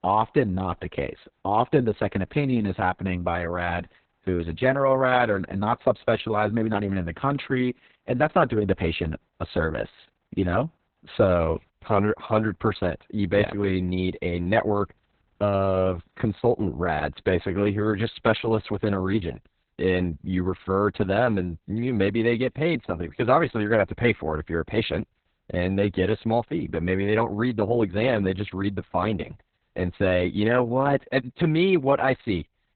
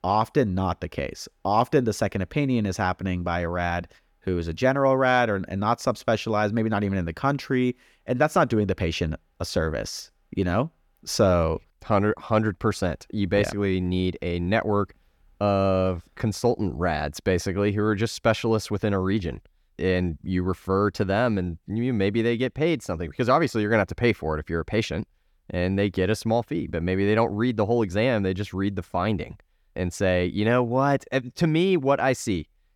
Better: second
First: garbled, watery; badly; nothing above 4 kHz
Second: none

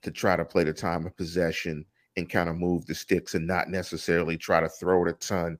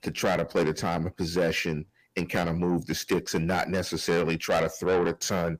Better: first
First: none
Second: distortion; heavy; 7 dB below the speech

